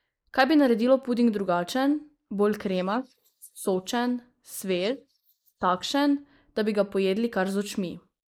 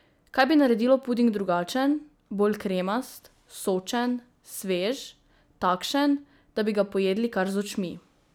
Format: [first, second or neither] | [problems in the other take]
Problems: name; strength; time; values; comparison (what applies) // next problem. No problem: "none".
second | noise reduction (neural mask model Resemble Enhance denoiser)